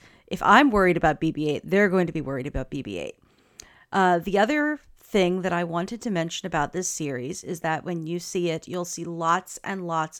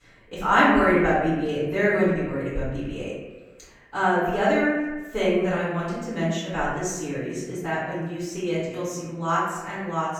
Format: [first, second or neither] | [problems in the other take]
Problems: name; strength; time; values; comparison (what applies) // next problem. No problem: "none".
first | off-mic speech; far // room echo; noticeable; dies away in 1.1 s